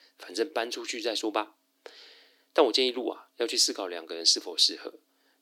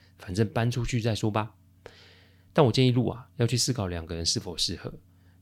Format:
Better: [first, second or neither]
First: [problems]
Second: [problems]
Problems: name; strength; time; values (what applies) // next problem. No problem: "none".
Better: second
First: thin; very; fading below 300 Hz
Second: none